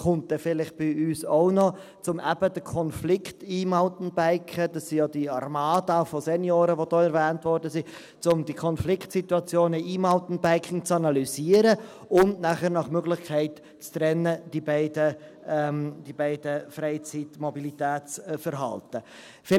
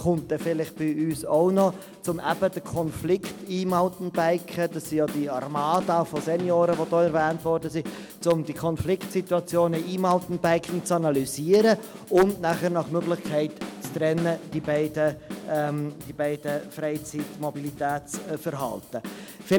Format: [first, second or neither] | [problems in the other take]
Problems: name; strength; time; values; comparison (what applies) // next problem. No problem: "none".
first | background sound (Drum / Drum kit); 15 dB below the speech